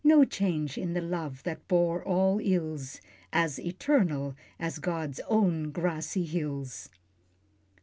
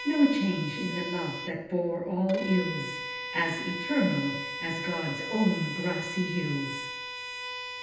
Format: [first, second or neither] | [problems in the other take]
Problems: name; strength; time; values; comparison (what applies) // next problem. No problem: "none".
first | background sound (Bowed string instrument); 7 dB below the speech // room echo; dies away in 0.9 s